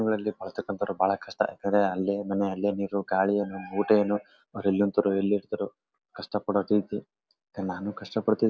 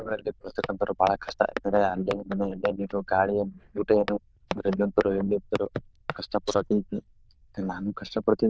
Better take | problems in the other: first | noise reduction (neural diffusion model UNIVERSE++)

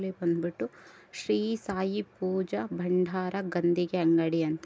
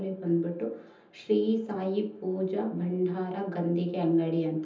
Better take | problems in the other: first | room echo; dies away in 0.7 s

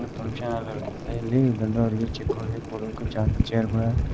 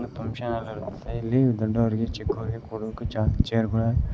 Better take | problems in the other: second | background sound (Boiling); 12 dB below the speech

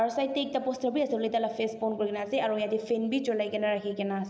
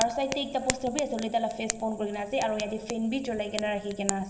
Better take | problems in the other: first | background sound (Fire); 8 dB below the speech // room echo; dies away in 0.3 s

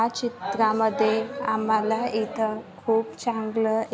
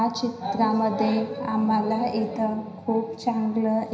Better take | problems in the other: first | room echo; dies away in 0.9 s

